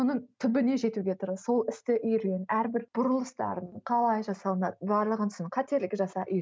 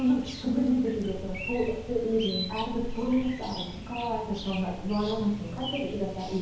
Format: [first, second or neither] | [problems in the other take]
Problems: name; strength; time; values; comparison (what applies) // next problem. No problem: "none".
first | background sound (Chirp, tweet); 9 dB below the speech // room echo; dies away in 2.2 s